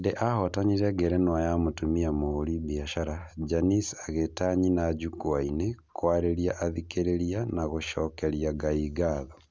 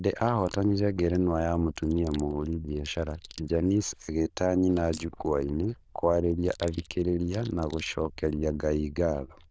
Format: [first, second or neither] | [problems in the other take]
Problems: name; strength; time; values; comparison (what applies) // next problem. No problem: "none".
first | noise reduction (neural diffusion model UNIVERSE++)